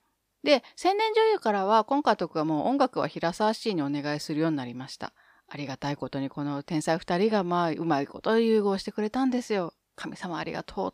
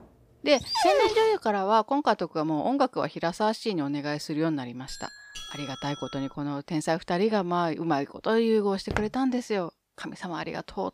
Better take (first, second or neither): first